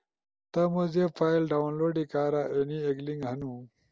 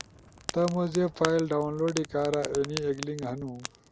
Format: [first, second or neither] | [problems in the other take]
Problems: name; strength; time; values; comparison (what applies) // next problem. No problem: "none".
first | background sound (Fire); 12 dB below the speech